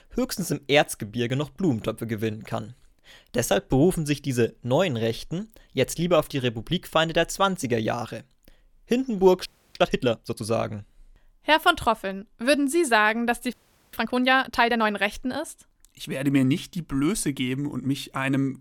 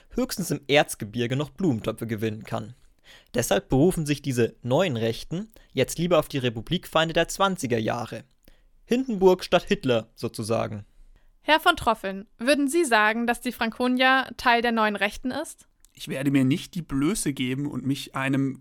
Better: second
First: audio freezing; at 9.5 s and at 14 s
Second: none

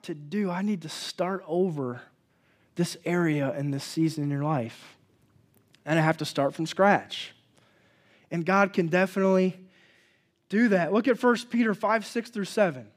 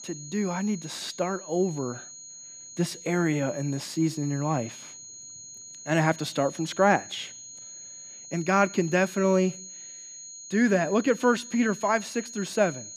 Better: first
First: none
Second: high-pitched whine; noticeable; throughout; 6.5 kHz, 15 dB below the speech

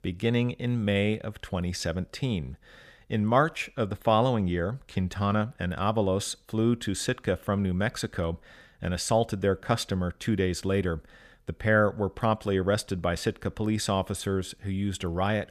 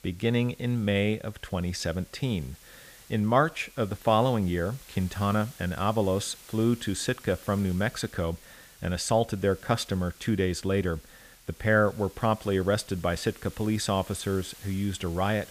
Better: first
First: none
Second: hiss; faint; throughout; 20 dB below the speech

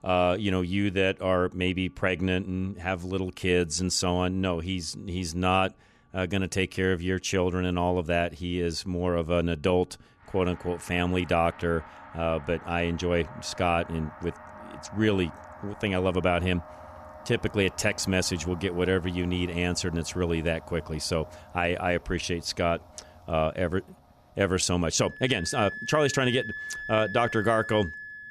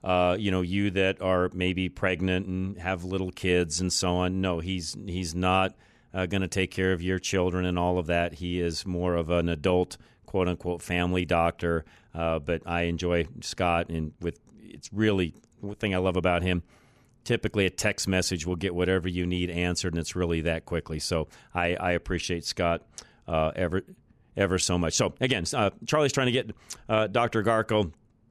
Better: second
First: background music; noticeable; throughout; 15 dB below the speech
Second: none

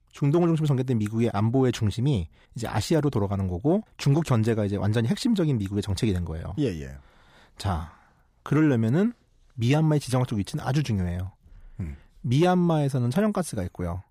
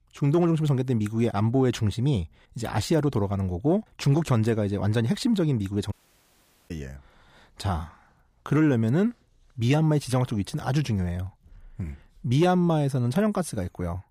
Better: first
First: none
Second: audio cutting out; at 6 s for 1 s

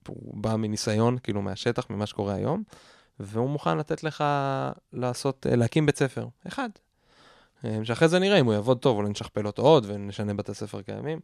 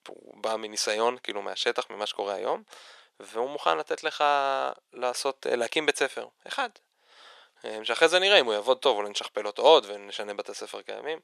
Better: first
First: none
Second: thin; very; fading below 500 Hz

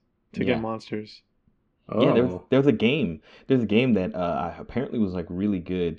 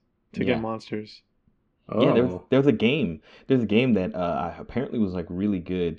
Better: neither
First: muffled; slightly; fading above 3.5 kHz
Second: muffled; slightly; fading above 3.5 kHz

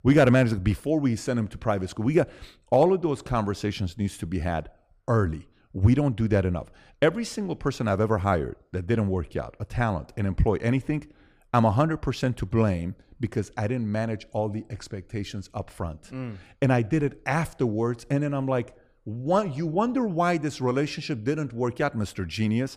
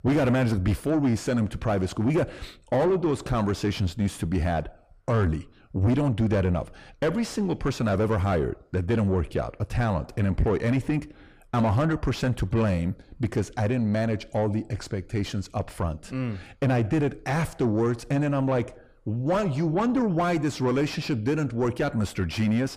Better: first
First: none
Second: distortion; heavy; 7 dB below the speech

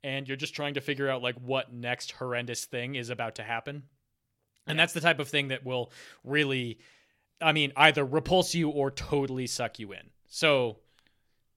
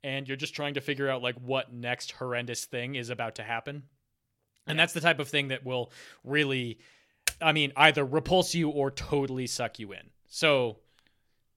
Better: first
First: none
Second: keyboard typing; very faint; at 7.5 s; peak 4 dB below the speech

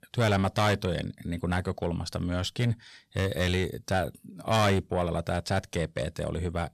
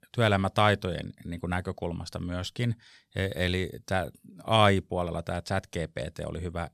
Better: second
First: distortion; heavy; 8 dB below the speech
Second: none

